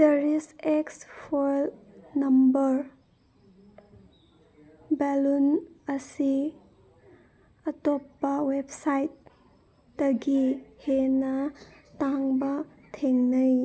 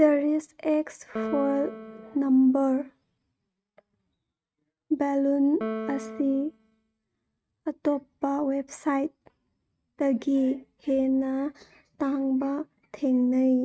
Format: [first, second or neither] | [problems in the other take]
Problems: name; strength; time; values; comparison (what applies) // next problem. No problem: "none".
first | noise reduction (neural mask model RNNoise)